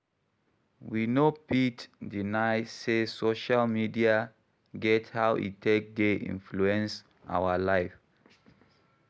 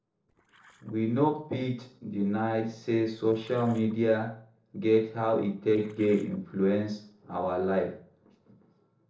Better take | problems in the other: first | noise reduction (neural separator model SepFormer DNS4)

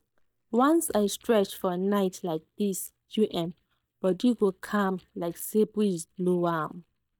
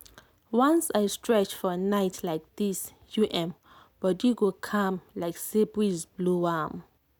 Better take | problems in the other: second | noise reduction (neural mask model DeepFilterNet 3)

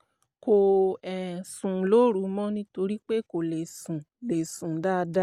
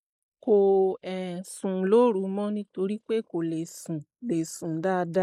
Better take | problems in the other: first | noise reduction (neural mask model Resemble Enhance denoiser)

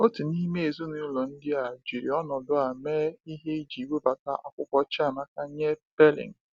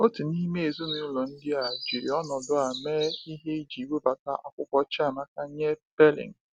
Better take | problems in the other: first | background sound (Chirp, tweet); 12 dB below the speech

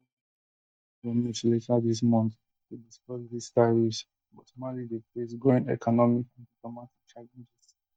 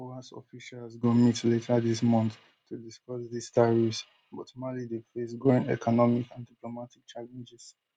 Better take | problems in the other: second | noise reduction (neural mask model DeepFilterNet 3)

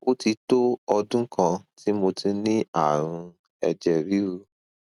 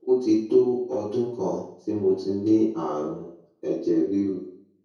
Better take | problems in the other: first | room echo; dies away in 0.6 s

